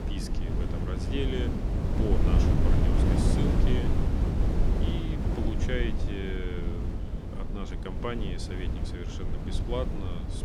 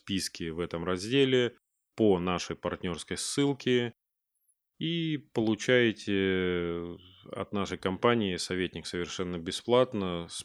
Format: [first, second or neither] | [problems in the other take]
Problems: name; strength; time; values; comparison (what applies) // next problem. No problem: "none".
second | wind noise on the microphone; heavy; 1 dB above the speech